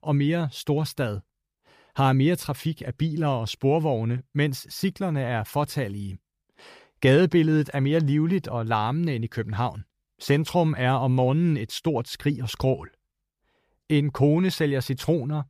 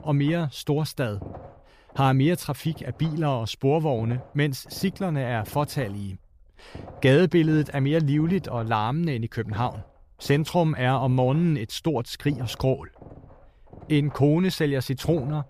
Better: first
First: none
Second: low rumble; faint; throughout; 20 dB below the speech

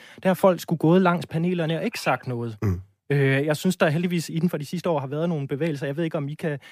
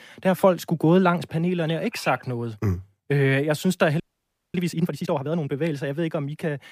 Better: first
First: none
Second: audio freezing; at 4 s for 0.5 s

